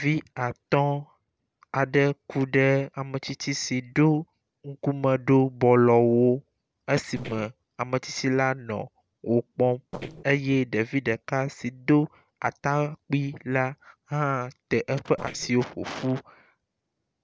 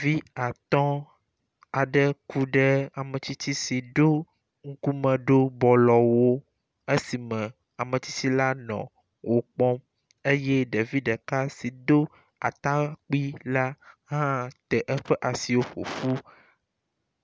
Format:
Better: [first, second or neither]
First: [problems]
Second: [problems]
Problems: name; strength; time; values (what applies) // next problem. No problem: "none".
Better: second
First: noise reduction (neural separator model SepFormer DNS4)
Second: none